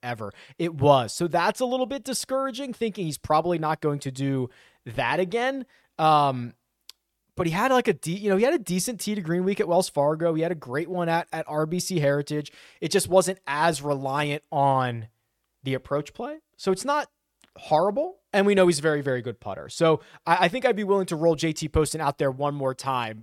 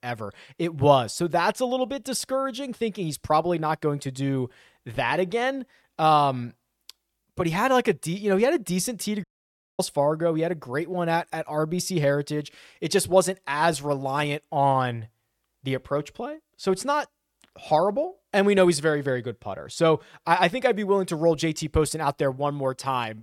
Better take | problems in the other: first | audio cutting out; at 9 s for 0.5 s

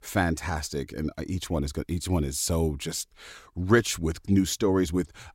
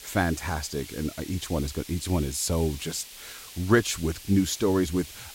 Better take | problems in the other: first | hiss; noticeable; throughout; 15 dB below the speech

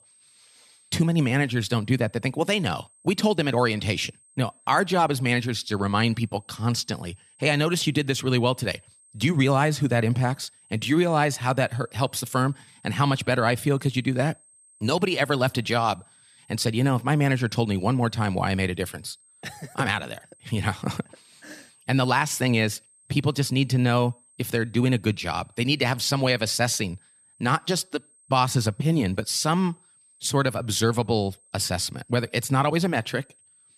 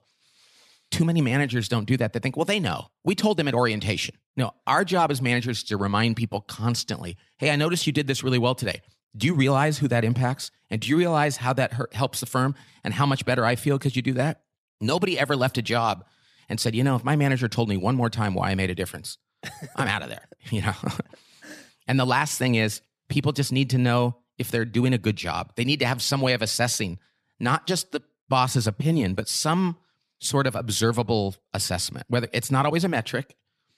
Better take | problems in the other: second | high-pitched whine; faint; throughout; 8.5 kHz, 30 dB below the speech

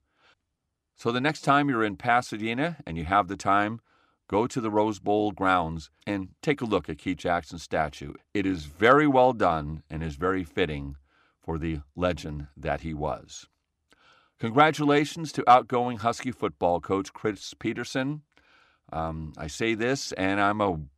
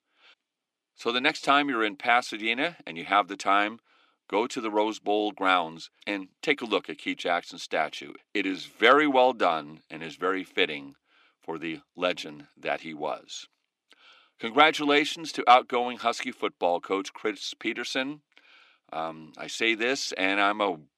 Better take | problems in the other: first | thin; very slightly; fading below 250 Hz

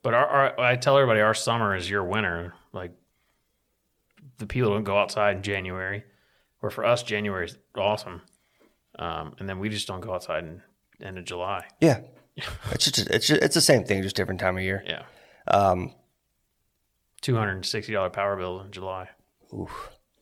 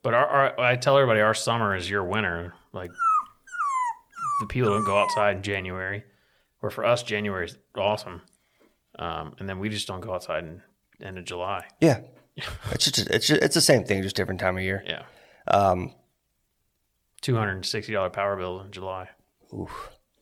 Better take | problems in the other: first | dog barking; loud; from 3 to 5 s; peak 2 dB above the speech

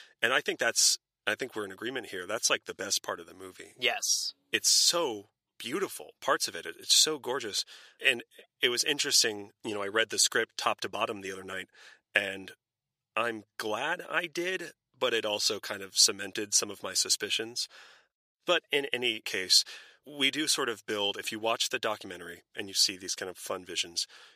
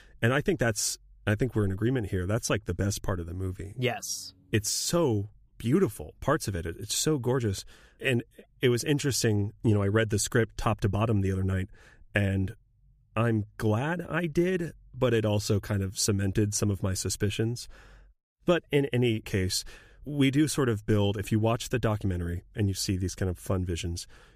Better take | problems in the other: second | thin; very; fading below 550 Hz

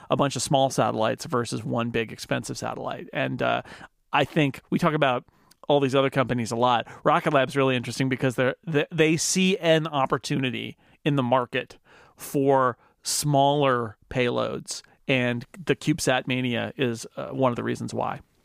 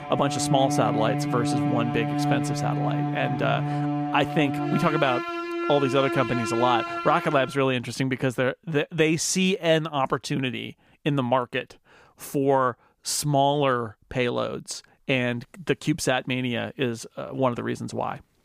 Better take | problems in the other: first | background music; loud; until 7.5 s; 2 dB below the speech

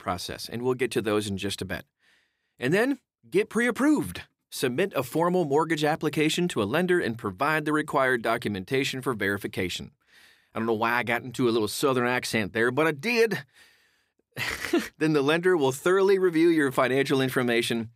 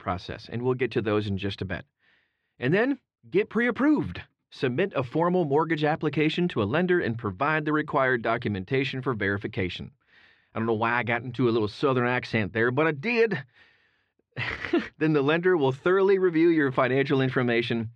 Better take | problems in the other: first | muffled; slightly; fading above 3.5 kHz

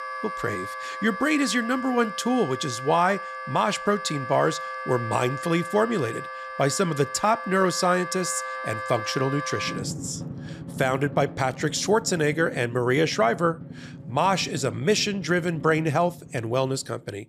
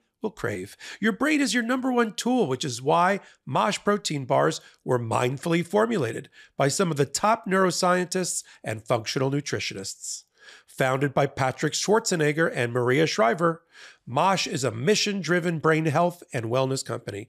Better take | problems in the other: second | background music; loud; throughout; 10 dB below the speech

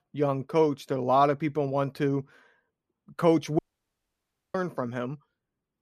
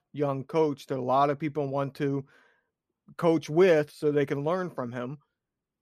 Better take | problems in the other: second | audio cutting out; at 3.5 s for 1 s

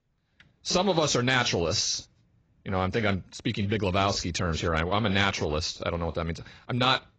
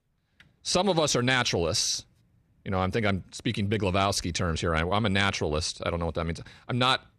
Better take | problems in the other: second | garbled, watery; badly

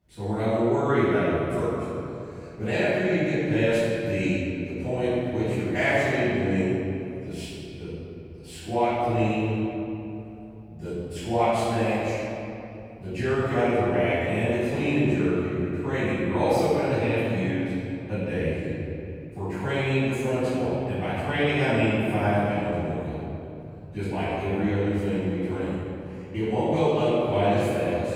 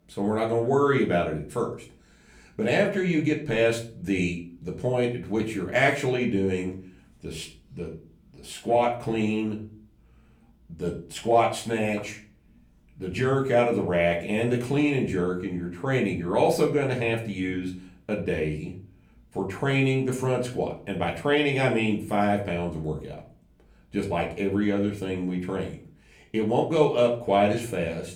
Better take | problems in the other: second | room echo; strong; dies away in 2.8 s; slight in the second // off-mic speech; far; far in the second

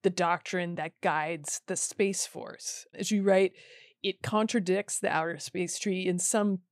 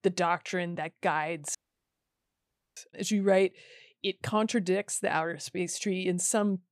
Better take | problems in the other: first | audio cutting out; at 1.5 s for 1 s

